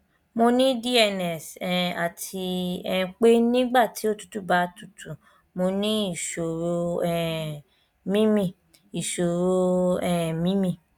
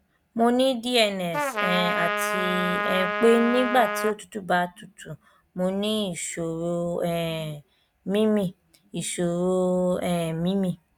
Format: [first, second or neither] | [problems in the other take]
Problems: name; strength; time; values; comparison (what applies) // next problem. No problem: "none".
first | background sound (Trumpet); 2 dB below the speech